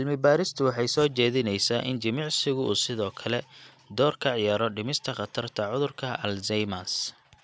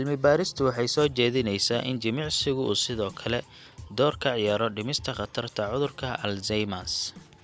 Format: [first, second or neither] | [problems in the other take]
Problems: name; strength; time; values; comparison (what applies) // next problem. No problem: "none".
first | background sound (Drum kit); 20 dB below the speech